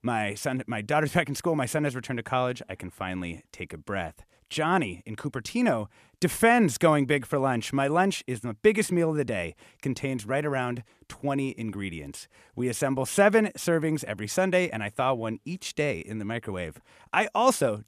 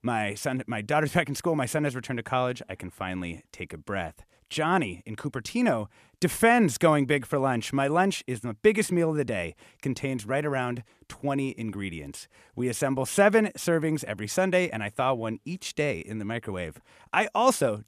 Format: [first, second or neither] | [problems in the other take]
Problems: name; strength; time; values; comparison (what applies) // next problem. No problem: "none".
neither | none